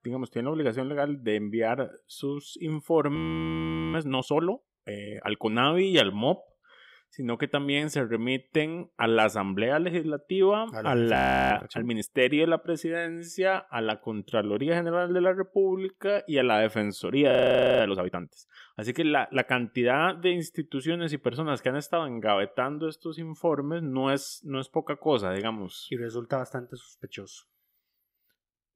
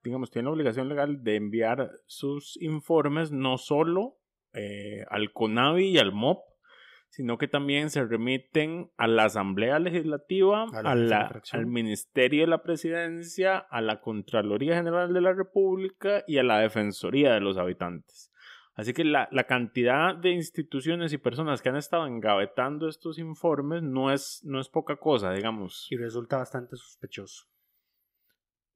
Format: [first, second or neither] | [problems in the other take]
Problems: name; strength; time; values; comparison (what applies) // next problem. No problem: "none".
second | audio freezing; at 3 s for 1 s, at 11 s and at 17 s